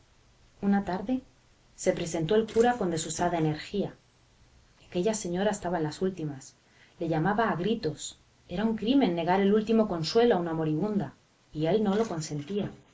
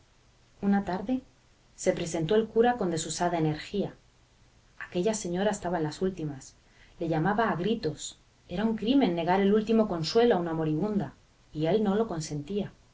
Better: second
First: noise reduction (neural mask model Resemble Enhance denoiser)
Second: none

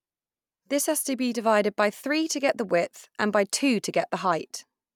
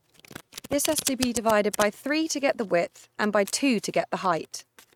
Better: first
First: none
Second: noise reduction (neural mask model RNNoise)

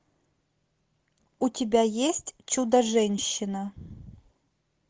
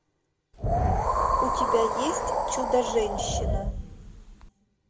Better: first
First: none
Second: background sound (Wind); 5 dB above the speech // room echo; dies away in 0.8 s

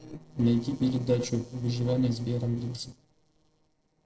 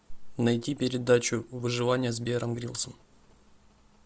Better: second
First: noise reduction (neural separator model SepFormer DNS4)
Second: none

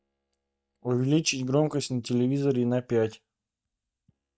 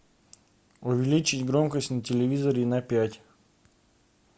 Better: second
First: noise reduction (neural mask model DeepFilterNet 3)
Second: none

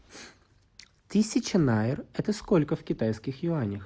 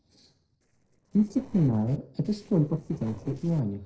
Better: first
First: none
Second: noise reduction (neural separator model SepFormer DNS4)

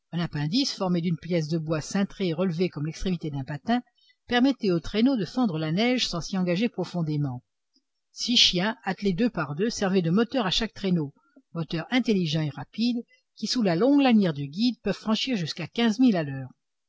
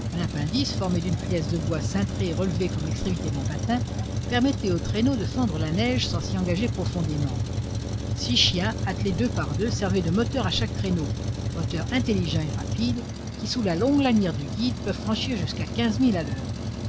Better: first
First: none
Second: background sound (Truck); 2 dB below the speech

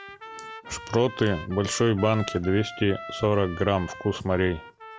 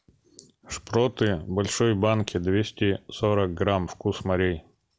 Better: second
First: background sound (Trumpet); 15 dB below the speech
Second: none

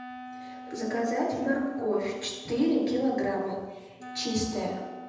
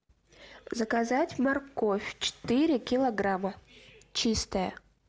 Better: second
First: background sound (Wind instrument, woodwind instrument); 14 dB below the speech // room echo; dies away in 1.1 s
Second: none

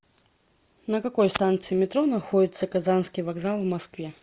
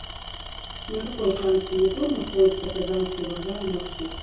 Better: first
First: none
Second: background sound (Tools); 10 dB below the speech // room echo; dies away in 0.6 s

